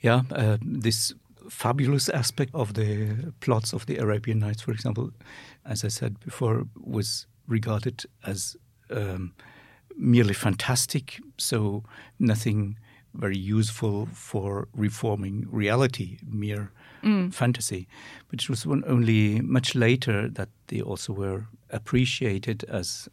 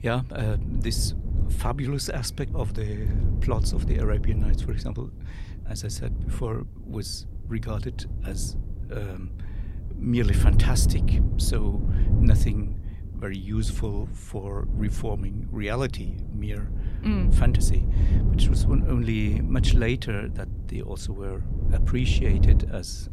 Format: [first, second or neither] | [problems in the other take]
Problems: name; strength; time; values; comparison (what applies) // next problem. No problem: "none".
first | wind noise on the microphone; heavy; 7 dB below the speech